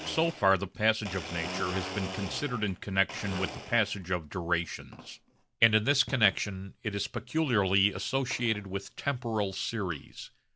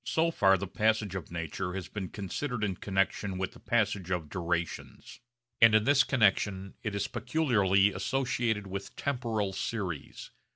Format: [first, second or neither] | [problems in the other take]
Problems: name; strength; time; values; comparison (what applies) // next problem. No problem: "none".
second | background sound (Domestic sounds, home sounds); 13 dB below the speech